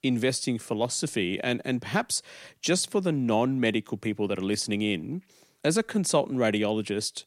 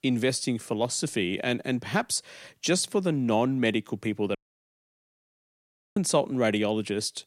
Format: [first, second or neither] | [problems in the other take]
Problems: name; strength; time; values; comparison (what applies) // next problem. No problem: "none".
first | audio cutting out; at 4.5 s for 1.5 s